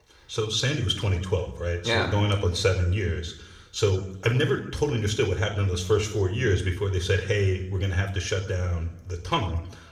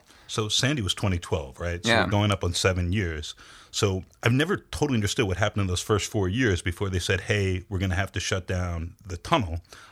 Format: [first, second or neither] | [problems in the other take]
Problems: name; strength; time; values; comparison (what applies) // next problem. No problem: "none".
second | room echo; slight; dies away in 0.7 s // off-mic speech; somewhat distant